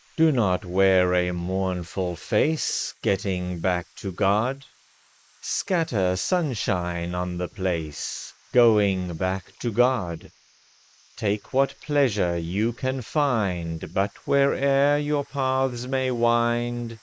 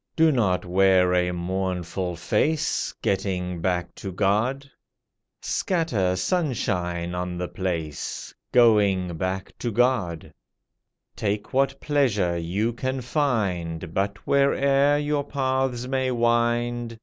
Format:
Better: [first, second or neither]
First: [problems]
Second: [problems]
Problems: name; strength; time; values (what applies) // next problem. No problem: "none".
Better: second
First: noise reduction (neural mask model Resemble Enhance denoiser)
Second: none